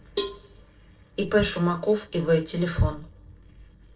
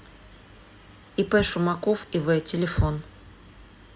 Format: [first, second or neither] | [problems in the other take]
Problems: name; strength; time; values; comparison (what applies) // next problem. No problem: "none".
second | noise reduction (neural separator model SepFormer DNS4)